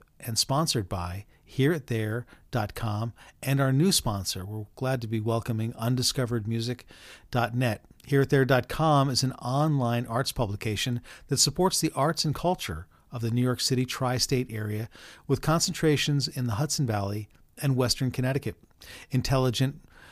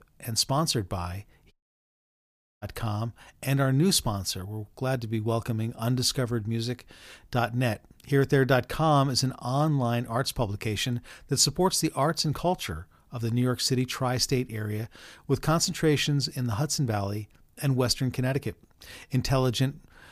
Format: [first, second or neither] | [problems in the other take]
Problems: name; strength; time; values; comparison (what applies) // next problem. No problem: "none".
first | audio cutting out; at 1.5 s for 1 s